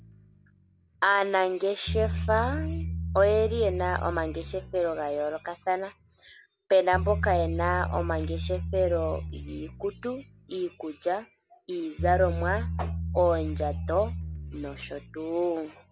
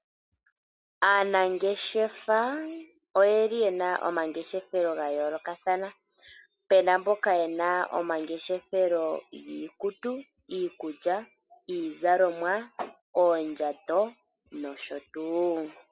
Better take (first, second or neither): second